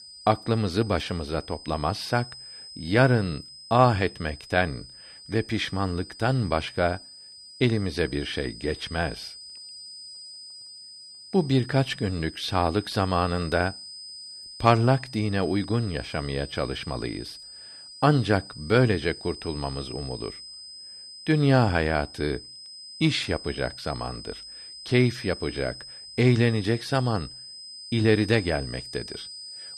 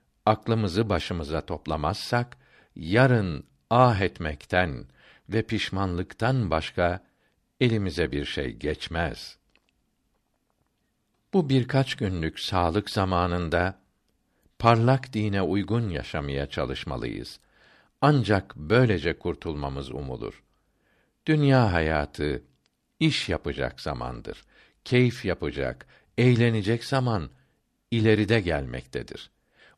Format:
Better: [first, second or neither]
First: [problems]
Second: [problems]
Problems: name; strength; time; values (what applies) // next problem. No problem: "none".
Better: second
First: high-pitched whine; noticeable; throughout; 5 kHz, 15 dB below the speech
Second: none